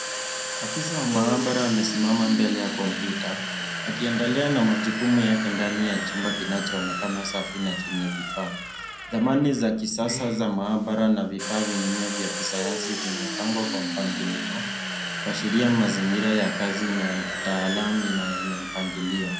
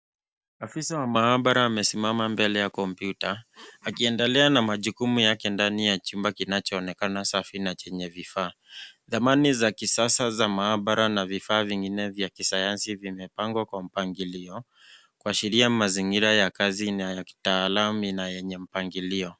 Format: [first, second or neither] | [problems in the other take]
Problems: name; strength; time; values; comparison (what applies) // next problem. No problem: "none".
second | background sound (Domestic sounds, home sounds); 5 dB below the speech // room echo; dies away in 0.5 s